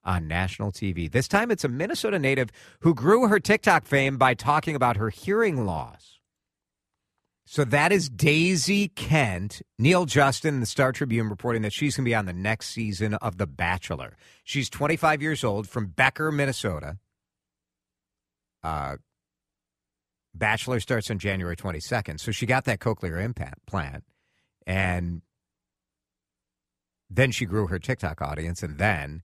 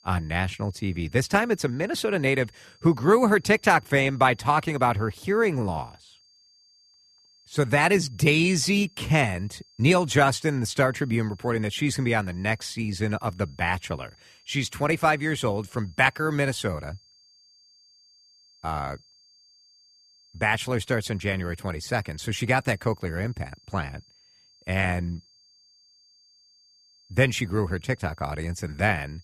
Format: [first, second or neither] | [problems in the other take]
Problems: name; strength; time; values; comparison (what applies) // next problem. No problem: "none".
first | high-pitched whine; faint; throughout; 4.5 kHz, 30 dB below the speech